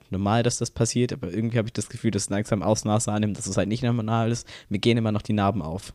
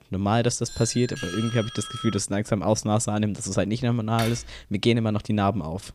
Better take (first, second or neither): first